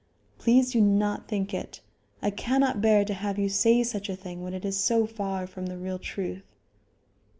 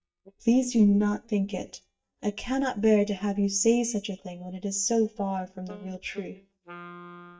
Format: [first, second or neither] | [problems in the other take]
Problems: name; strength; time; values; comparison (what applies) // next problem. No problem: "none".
first | noise reduction (neural mask model DeepFilterNet 3)